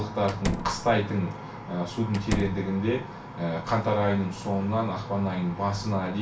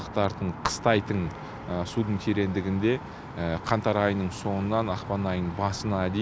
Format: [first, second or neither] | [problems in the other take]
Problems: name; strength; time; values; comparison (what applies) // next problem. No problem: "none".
second | background sound (Slam); 6 dB below the speech // room echo; dies away in 0.3 s